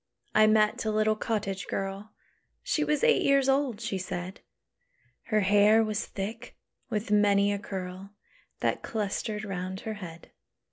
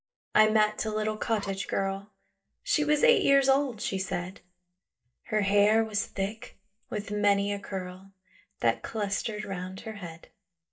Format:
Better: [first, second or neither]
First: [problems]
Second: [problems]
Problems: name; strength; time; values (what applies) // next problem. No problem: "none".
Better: first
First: none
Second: noise reduction (neural mask model DeepFilterNet 3)